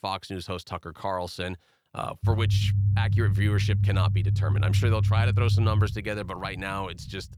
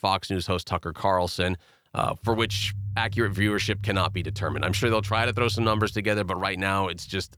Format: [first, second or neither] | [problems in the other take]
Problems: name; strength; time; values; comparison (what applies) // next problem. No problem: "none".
second | low rumble; loud; from 2 s on; 7 dB below the speech; faint in the second